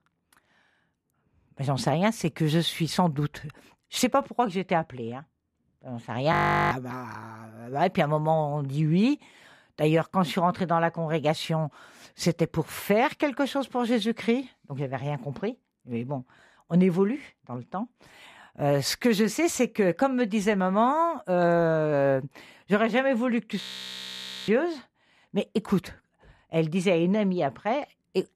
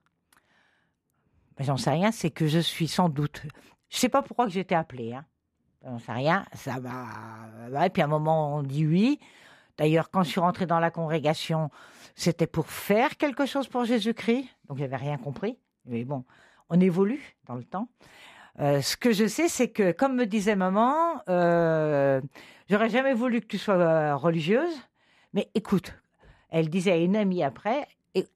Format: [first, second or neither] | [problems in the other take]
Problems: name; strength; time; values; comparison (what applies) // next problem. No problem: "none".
second | audio freezing; at 6.5 s and at 24 s for 1 s